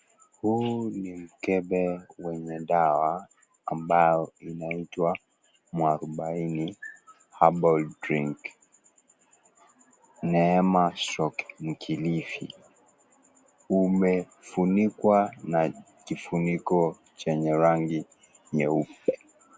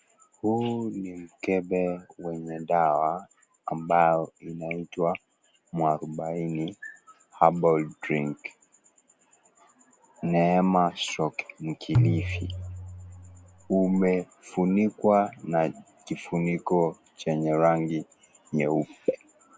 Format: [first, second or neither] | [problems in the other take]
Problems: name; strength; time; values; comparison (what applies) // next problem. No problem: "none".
first | background sound (Tabla); 2 dB below the speech